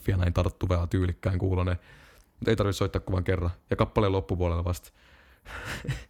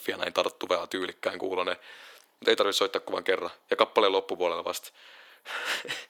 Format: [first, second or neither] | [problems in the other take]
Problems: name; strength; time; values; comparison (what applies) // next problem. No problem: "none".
first | thin; very; fading below 450 Hz